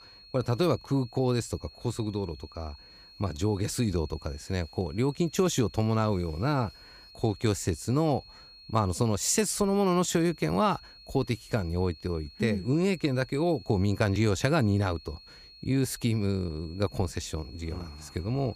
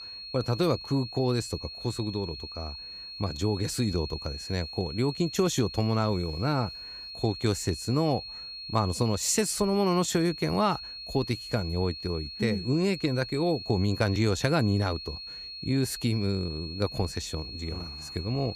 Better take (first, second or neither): first